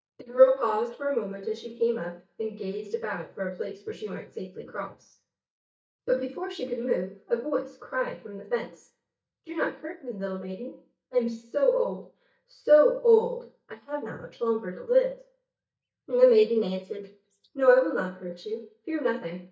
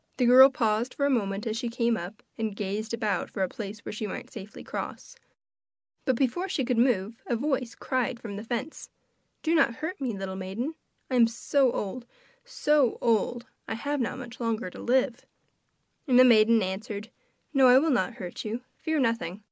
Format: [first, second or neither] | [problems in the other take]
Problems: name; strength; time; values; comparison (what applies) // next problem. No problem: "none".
second | noise reduction (neural mask model DeepFilterNet 3)